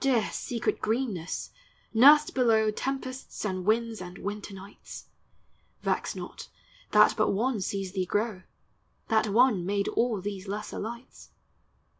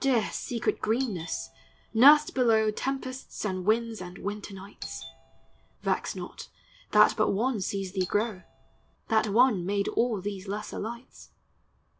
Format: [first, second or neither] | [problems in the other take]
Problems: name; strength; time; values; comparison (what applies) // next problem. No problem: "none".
first | background sound (Doorbell); 17 dB below the speech